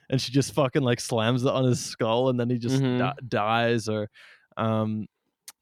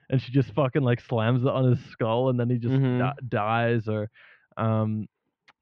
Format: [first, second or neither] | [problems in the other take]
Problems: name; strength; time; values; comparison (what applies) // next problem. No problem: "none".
first | muffled; very; fading above 3 kHz